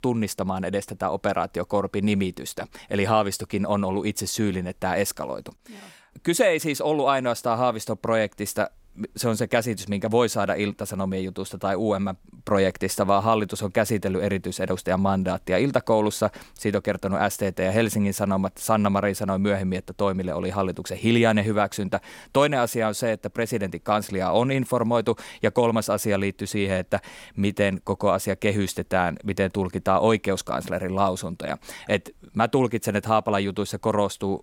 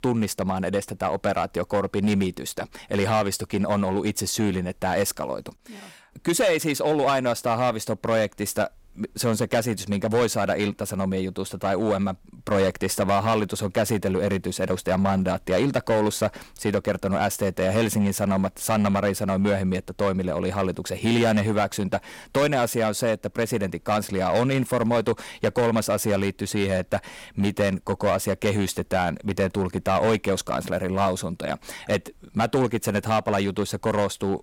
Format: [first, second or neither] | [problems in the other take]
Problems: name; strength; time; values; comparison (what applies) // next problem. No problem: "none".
first | distortion; slight; 6% of the sound clipped